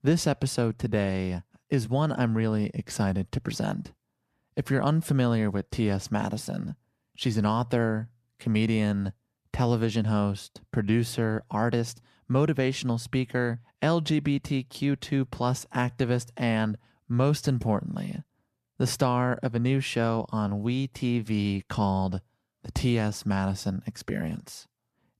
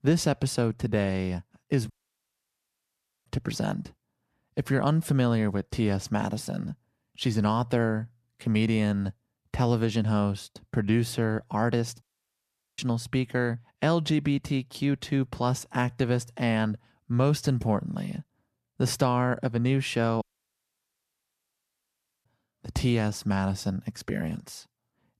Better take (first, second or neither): first